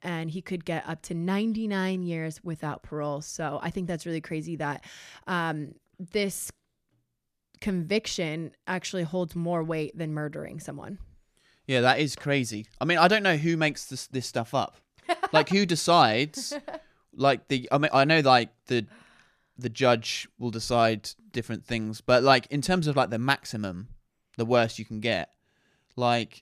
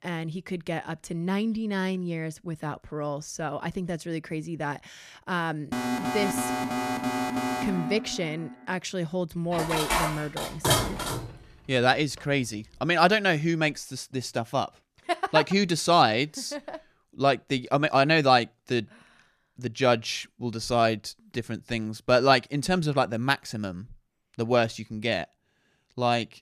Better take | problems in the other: first | alarm; noticeable; from 5.5 to 8.5 s; peak 2 dB below the speech // clattering dishes; loud; from 9.5 to 11 s; peak 3 dB above the speech

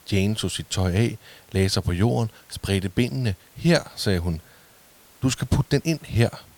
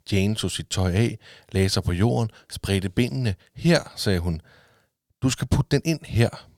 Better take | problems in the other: second | hiss; faint; throughout; 25 dB below the speech

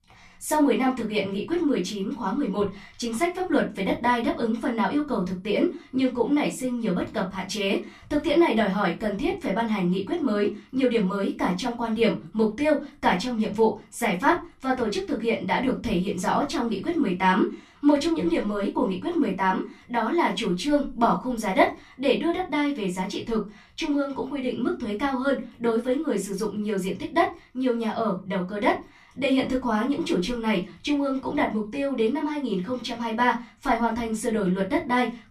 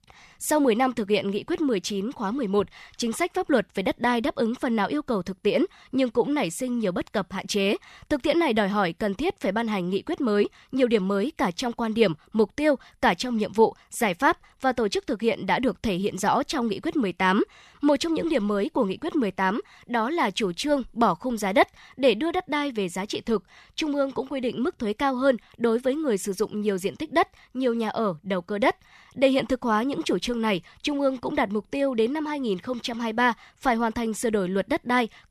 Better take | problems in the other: second | off-mic speech; far // room echo; very slight; dies away in 0.2 s

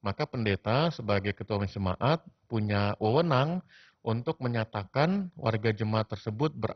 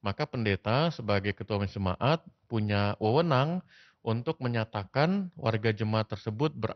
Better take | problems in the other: second | garbled, watery; badly; nothing above 5 kHz; slightly in the second

